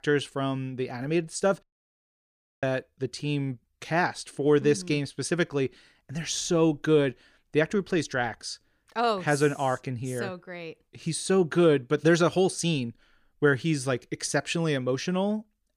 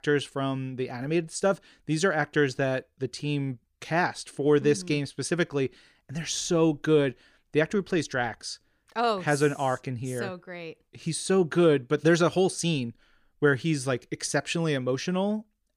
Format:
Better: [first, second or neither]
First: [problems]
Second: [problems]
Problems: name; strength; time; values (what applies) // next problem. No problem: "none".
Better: second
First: audio cutting out; at 1.5 s for 1 s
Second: none